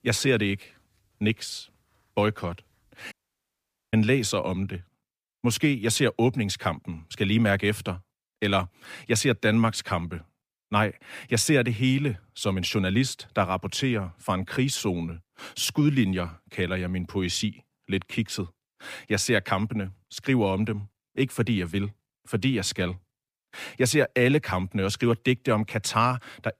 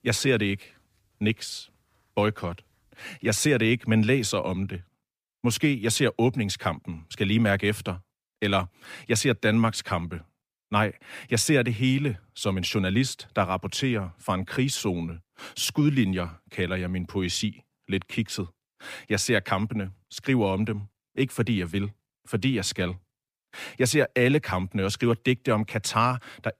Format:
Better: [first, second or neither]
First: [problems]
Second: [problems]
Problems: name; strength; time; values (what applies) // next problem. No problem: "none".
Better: second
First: audio cutting out; at 3 s for 1 s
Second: none